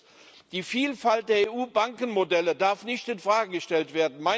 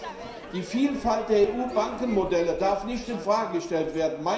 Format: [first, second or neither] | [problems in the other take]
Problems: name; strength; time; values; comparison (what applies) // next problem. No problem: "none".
first | background sound (Crowd / Fireworks); 14 dB below the speech // room echo; dies away in 0.7 s